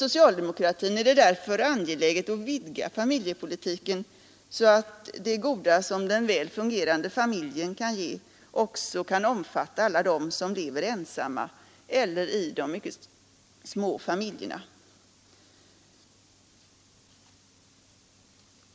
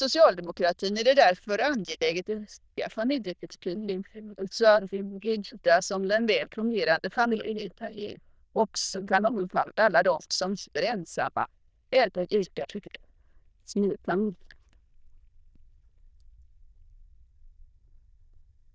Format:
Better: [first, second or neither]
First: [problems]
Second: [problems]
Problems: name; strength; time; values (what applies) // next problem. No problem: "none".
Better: first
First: none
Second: noise reduction (neural diffusion model UNIVERSE++)